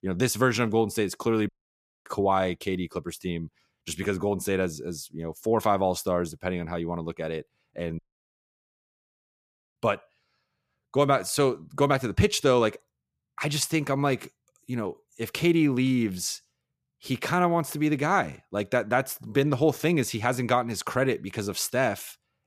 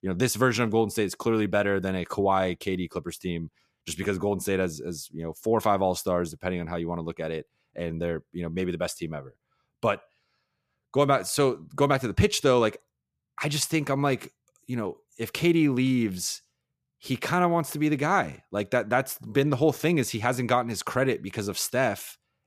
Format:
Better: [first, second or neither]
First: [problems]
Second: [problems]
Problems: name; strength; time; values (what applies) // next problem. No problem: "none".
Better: second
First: audio cutting out; at 1.5 s for 0.5 s and at 8 s for 2 s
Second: none